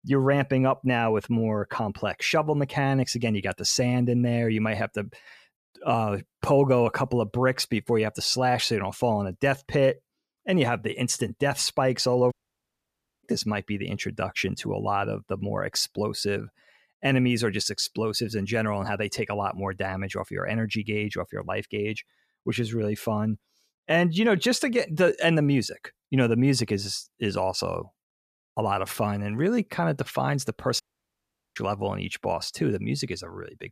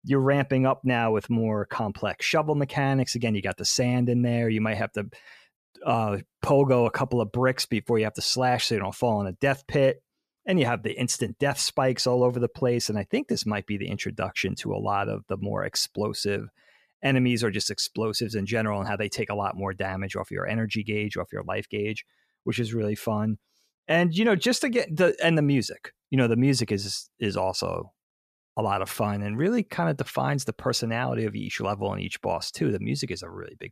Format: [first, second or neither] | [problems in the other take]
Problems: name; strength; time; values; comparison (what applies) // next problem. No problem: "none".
second | audio cutting out; at 12 s for 1 s and at 31 s for 1 s